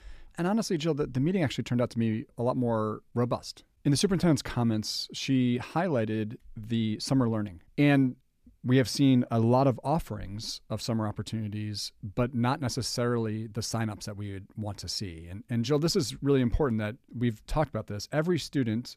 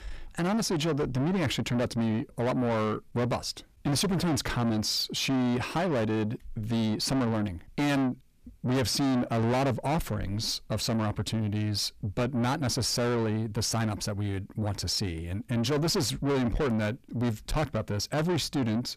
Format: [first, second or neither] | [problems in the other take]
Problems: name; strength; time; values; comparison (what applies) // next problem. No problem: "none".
first | distortion; heavy; 6 dB below the speech